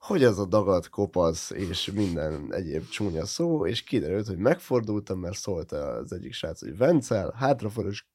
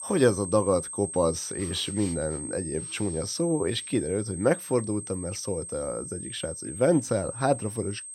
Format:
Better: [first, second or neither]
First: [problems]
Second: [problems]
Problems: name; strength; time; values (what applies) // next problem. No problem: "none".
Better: first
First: none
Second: high-pitched whine; loud; throughout; 8.5 kHz, 8 dB below the speech